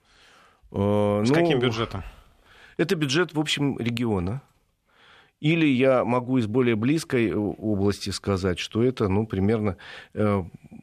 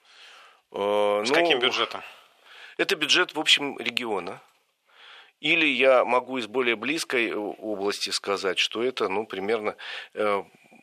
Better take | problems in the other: first | thin; very; fading below 550 Hz

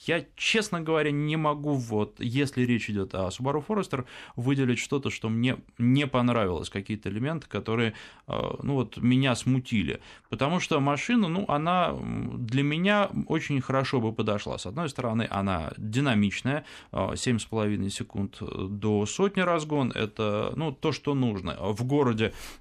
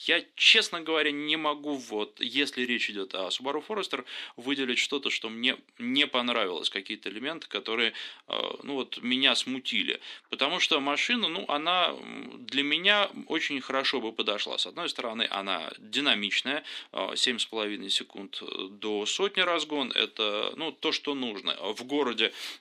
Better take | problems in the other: first | thin; somewhat; fading below 300 Hz

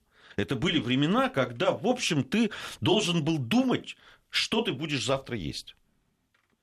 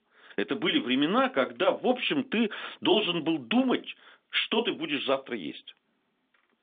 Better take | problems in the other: first | phone-call audio; nothing above 3 kHz

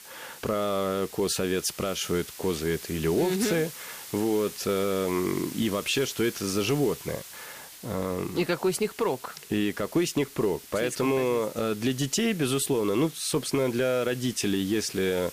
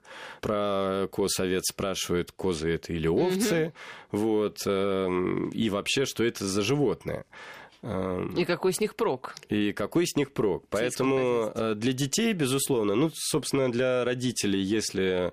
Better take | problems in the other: second | hiss; noticeable; throughout; 15 dB below the speech

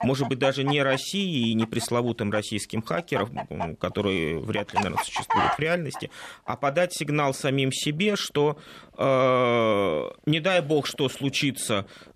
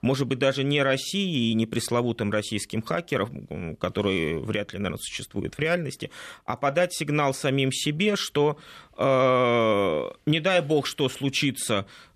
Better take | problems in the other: second | animal sounds; loud; throughout; 7 dB below the speech

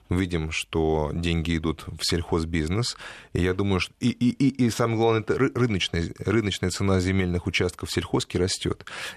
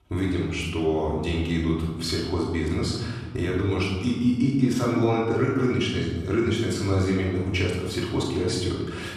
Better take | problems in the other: first | off-mic speech; far // room echo; noticeable; dies away in 1.4 s

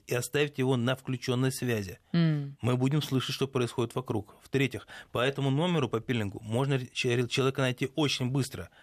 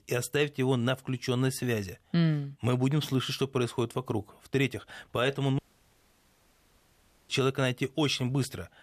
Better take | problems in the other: first | audio cutting out; at 5.5 s for 1.5 s

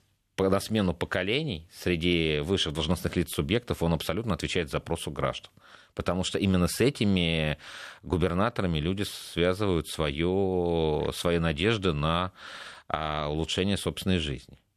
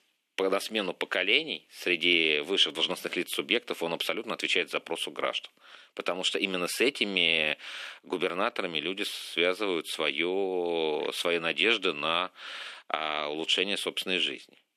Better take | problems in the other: first | thin; somewhat; fading below 250 Hz

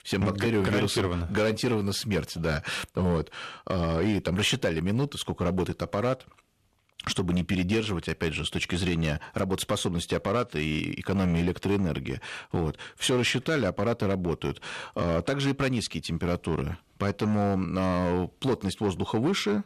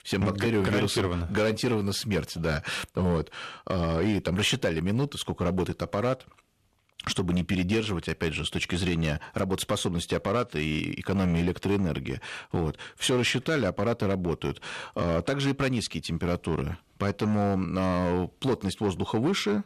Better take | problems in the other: neither | distortion; slight; 8% of the sound clipped; the same in both

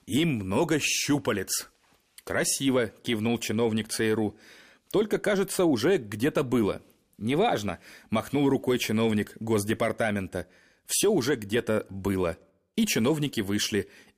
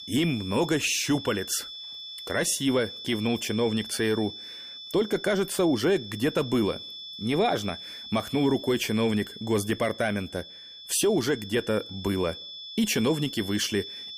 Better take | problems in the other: first | high-pitched whine; noticeable; throughout; 3.5 kHz, 10 dB below the speech

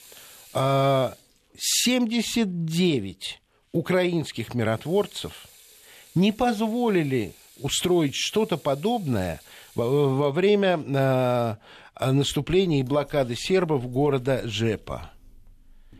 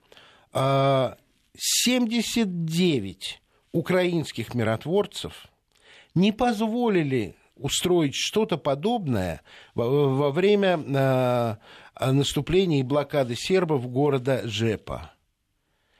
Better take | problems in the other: second | household noises; faint; throughout; 25 dB below the speech

